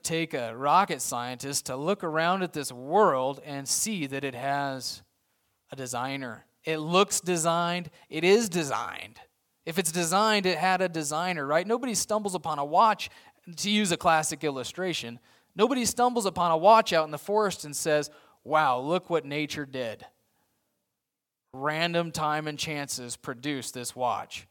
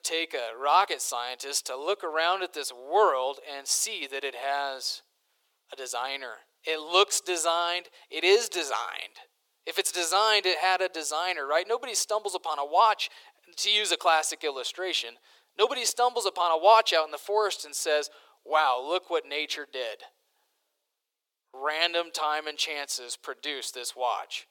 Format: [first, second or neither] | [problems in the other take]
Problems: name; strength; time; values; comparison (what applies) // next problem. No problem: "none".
first | thin; very; fading below 400 Hz